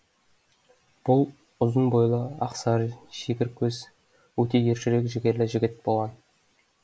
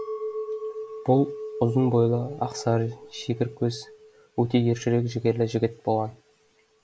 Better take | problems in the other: first | background sound (Chink, clink); 13 dB below the speech

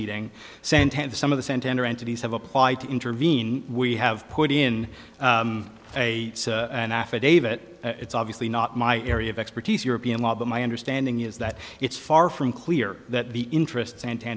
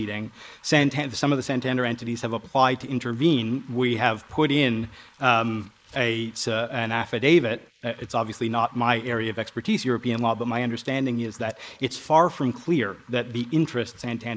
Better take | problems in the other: first | noise reduction (neural mask model Resemble Enhance denoiser)

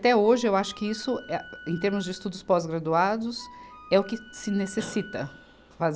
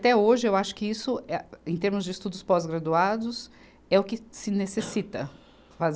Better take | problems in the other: second | background sound (Wind instrument, woodwind instrument); 19 dB below the speech

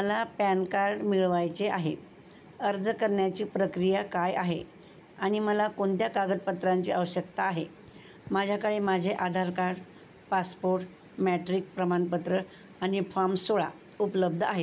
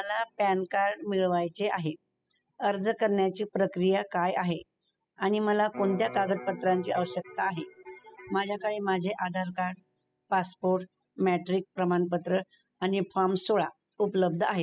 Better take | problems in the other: first | noise reduction (classical method spectral subtraction)

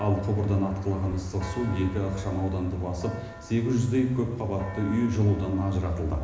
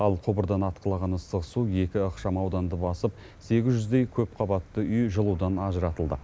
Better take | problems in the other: second | background sound (Church bell); 18 dB below the speech // room echo; dies away in 1 s

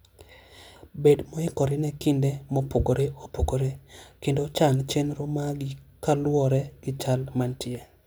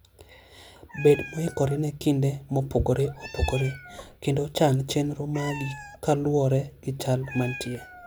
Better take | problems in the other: first | background sound (Meow); 17 dB below the speech

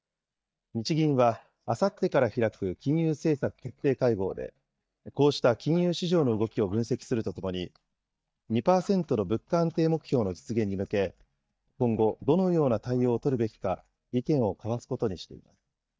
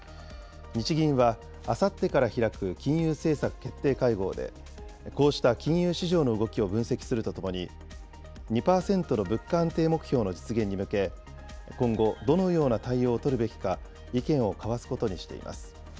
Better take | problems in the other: second | noise reduction (neural mask model DeepFilterNet 3)

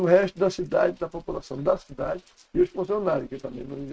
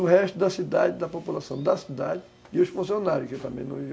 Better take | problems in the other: second | noise reduction (neural mask model RNNoise)

